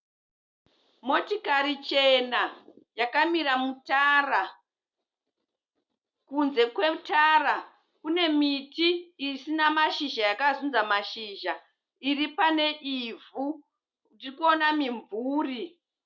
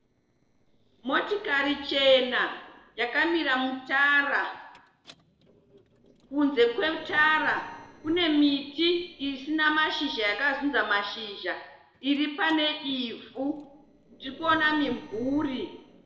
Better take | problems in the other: first | noise reduction (neural separator model SepFormer DNS4)

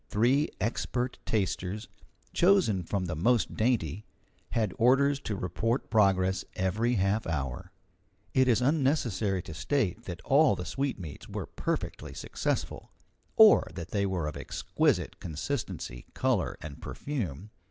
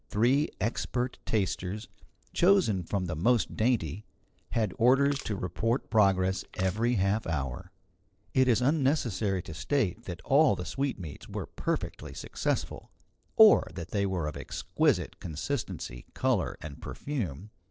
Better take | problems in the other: first | noise reduction (neural separator model SepFormer DNS4)

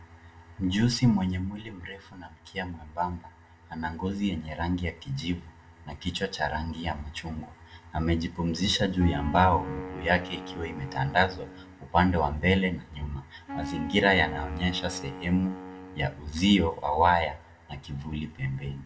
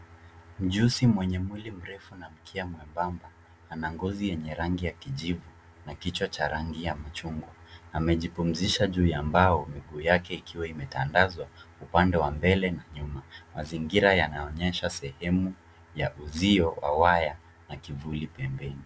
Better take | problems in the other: second | background sound (Wind instrument, woodwind instrument); 11 dB below the speech // room echo; dies away in 0.2 s

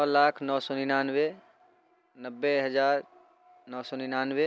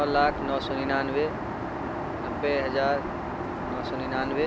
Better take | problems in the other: first | background sound (Aircraft); 3 dB below the speech

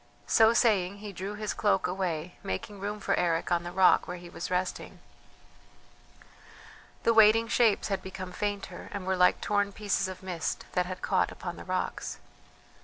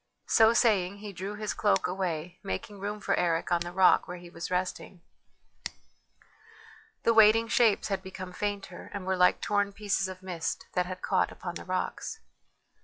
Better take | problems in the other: first | noise reduction (classical method log-MMSE)

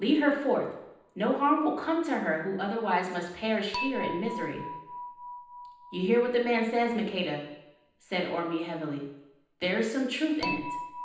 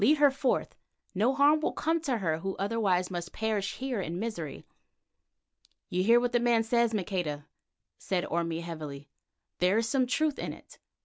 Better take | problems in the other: second | background sound (Dishes, pots, and pans / Chink, clink); 13 dB below the speech // room echo; dies away in 0.9 s

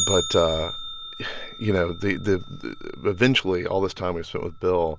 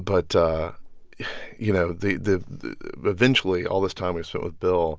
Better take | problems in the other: second | background sound (Bell); 11 dB below the speech

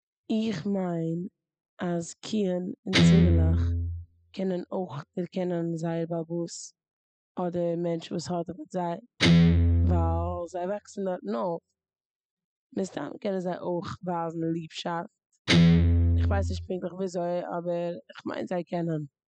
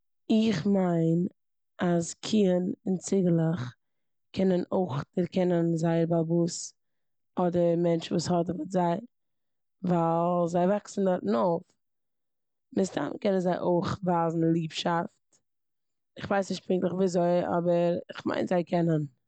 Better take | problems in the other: second | noise reduction (classical method spectral subtraction)

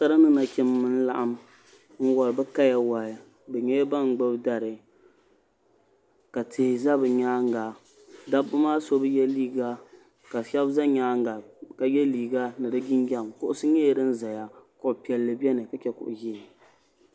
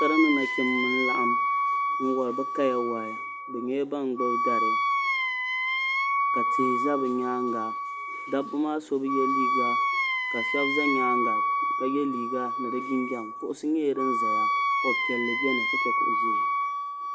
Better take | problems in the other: first | background sound (Wind instrument, woodwind instrument); 3 dB above the speech

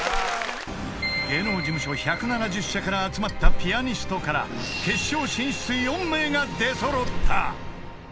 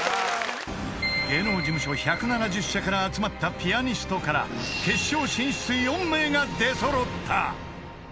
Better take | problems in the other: second | background sound (Liquid); 1 dB below the speech

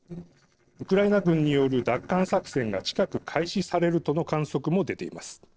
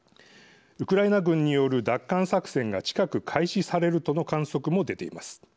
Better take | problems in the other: second | noise reduction (neural separator model SepFormer DNS4)

